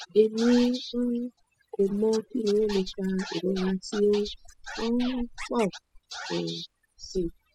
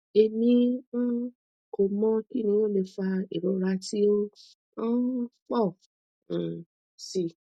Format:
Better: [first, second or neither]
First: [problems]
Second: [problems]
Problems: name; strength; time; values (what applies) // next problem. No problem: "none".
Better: second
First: noise reduction (classical method spectral subtraction)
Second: none